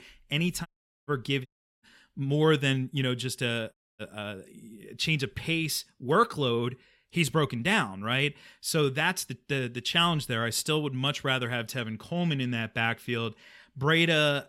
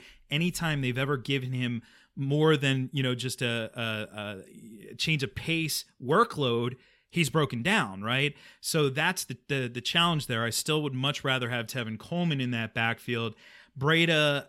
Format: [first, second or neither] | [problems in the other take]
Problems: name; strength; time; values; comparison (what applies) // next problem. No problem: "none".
second | audio cutting out; at 0.5 s, at 1.5 s and at 3.5 s